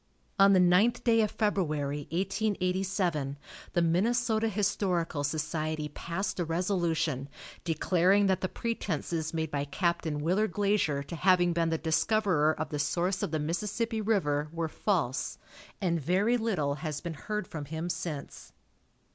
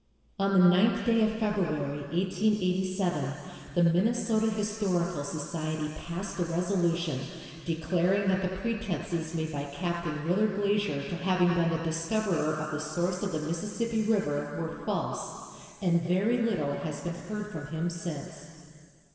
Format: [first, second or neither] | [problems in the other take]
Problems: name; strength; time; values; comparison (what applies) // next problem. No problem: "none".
first | room echo; dies away in 2.2 s